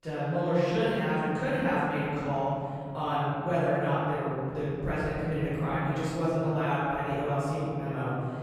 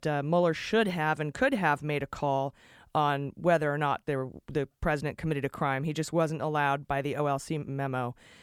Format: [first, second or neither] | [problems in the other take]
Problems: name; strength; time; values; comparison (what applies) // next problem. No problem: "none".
second | room echo; strong; dies away in 2.9 s // off-mic speech; far